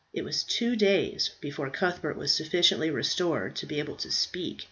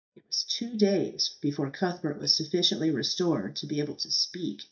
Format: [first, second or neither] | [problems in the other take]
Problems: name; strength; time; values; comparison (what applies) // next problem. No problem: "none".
first | noise reduction (neural mask model DeepFilterNet 3)